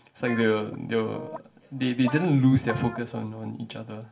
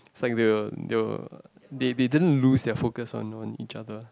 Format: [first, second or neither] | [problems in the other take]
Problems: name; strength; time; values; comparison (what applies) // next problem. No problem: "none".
second | background sound (Guitar); 15 dB below the speech // room echo; dies away in 0.4 s